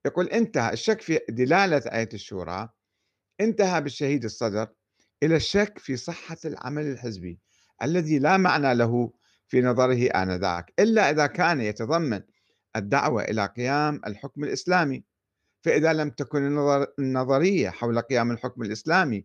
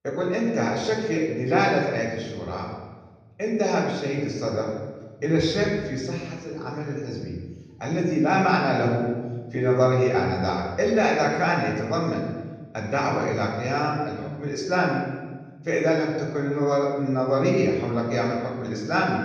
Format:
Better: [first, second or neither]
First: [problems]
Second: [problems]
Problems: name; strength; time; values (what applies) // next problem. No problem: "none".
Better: first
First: none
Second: off-mic speech; far // room echo; noticeable; dies away in 1.2 s